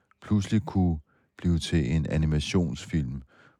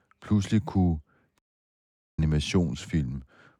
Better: first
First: none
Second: audio cutting out; at 1.5 s for 1 s

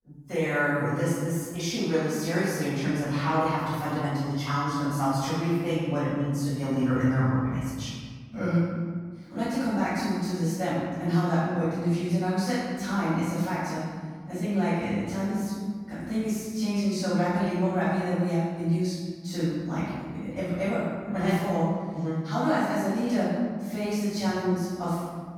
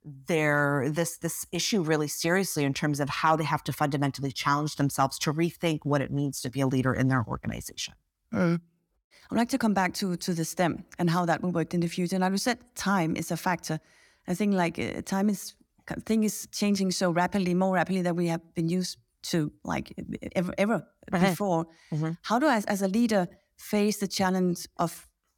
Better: second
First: off-mic speech; far // room echo; strong; dies away in 1.8 s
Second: none

